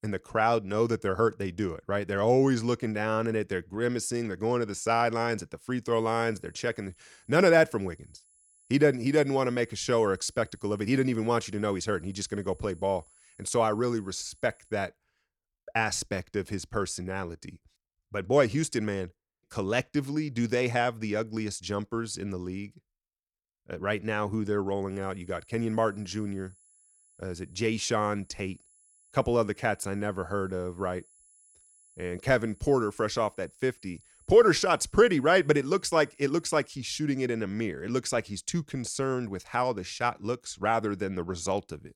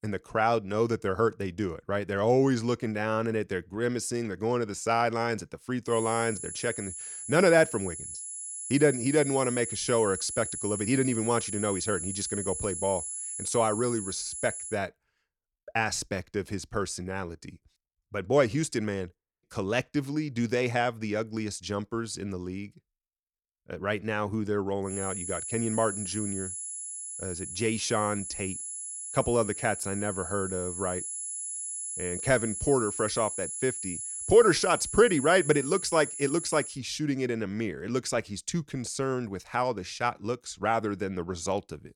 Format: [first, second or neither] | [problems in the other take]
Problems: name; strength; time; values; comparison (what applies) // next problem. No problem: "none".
first | high-pitched whine; loud; from 6 to 15 s and from 25 to 37 s; 10 kHz, 6 dB below the speech; faint in the first